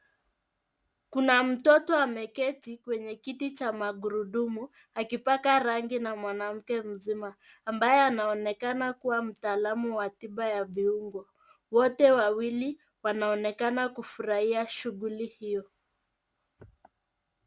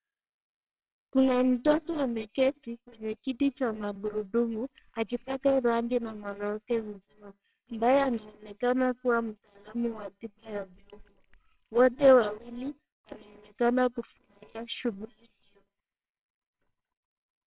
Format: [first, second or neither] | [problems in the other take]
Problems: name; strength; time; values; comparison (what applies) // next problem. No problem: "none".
first | noise reduction (neural separator model SepFormer WHAMR!)